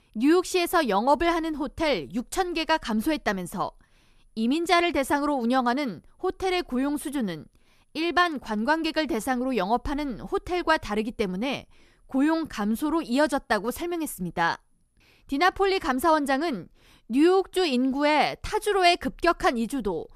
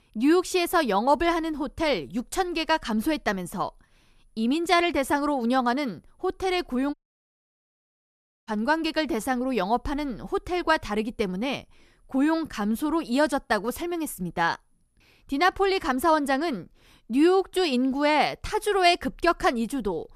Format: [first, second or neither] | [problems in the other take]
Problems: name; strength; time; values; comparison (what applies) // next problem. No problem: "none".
first | audio cutting out; at 7 s for 1.5 s